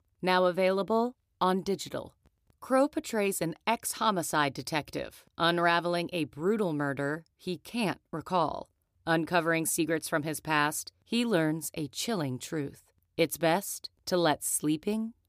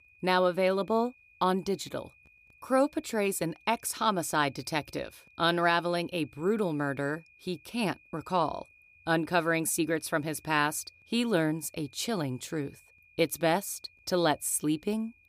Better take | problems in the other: first | high-pitched whine; faint; throughout; 2.5 kHz, 30 dB below the speech

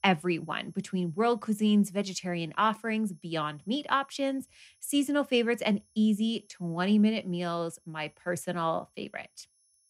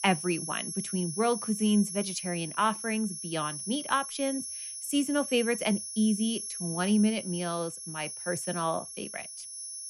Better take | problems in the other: first | high-pitched whine; loud; throughout; 11 kHz, 6 dB below the speech; faint in the first

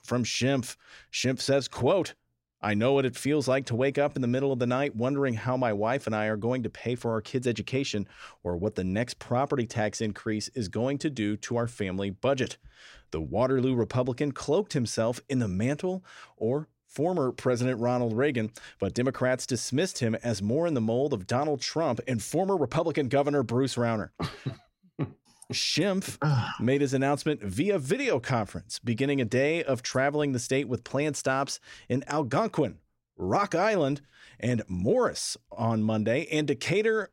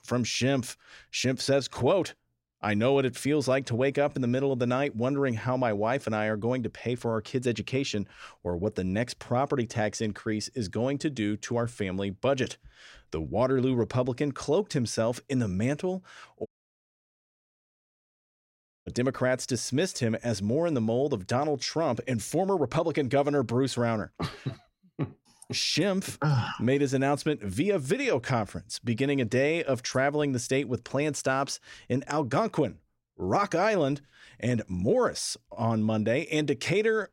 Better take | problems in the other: first | audio cutting out; at 16 s for 2.5 s

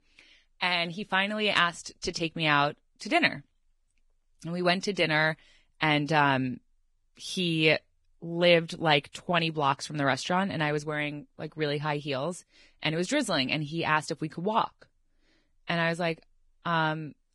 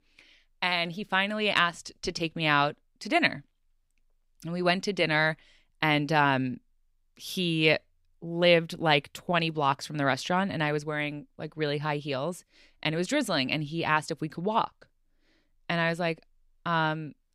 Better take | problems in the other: second | garbled, watery; badly; nothing above 10.5 kHz

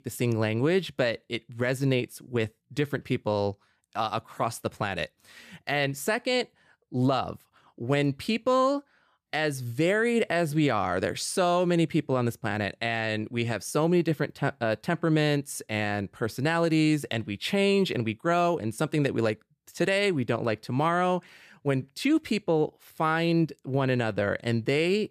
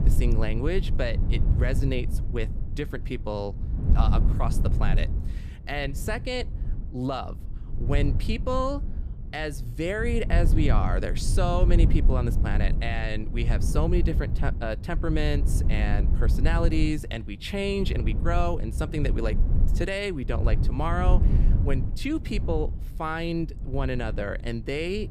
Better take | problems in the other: first | low rumble; noticeable; throughout; 10 dB below the speech

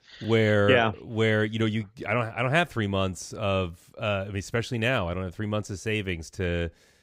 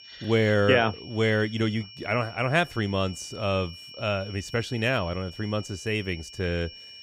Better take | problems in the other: first | high-pitched whine; noticeable; throughout; 3 kHz, 15 dB below the speech

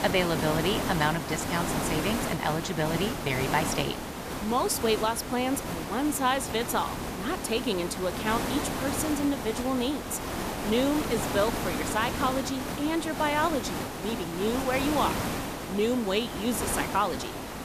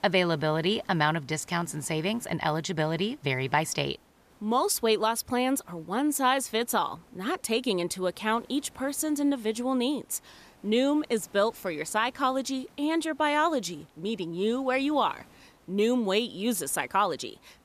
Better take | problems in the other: second | hiss; loud; throughout; 3 dB below the speech; faint in the second

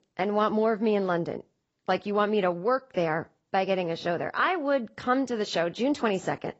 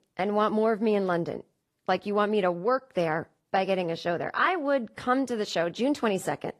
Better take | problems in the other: second | garbled, watery; badly; nothing above 8 kHz; slightly in the second

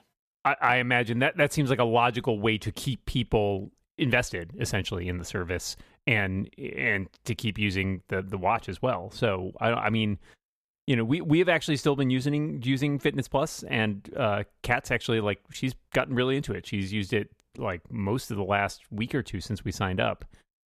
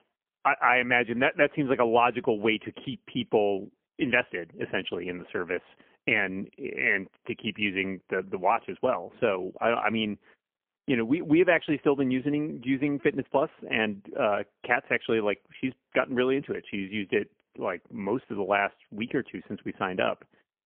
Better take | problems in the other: first | phone-call audio; poor line; nothing above 3 kHz

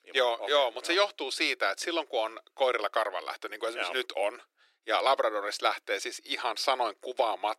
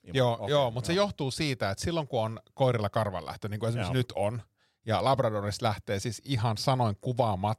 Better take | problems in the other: second | thin; very; fading below 300 Hz

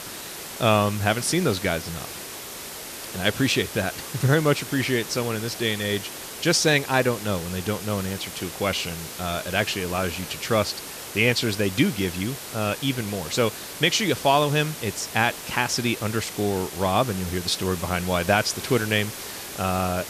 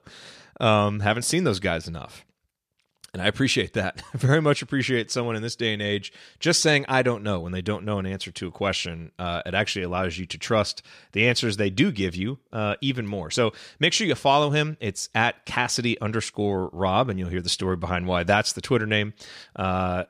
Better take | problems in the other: second | hiss; loud; throughout; 10 dB below the speech

